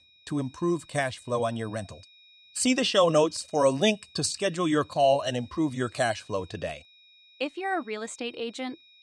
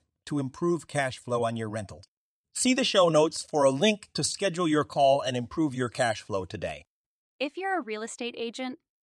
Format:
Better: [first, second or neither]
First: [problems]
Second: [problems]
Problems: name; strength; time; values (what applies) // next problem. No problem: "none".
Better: second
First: high-pitched whine; faint; throughout; 4 kHz, 25 dB below the speech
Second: none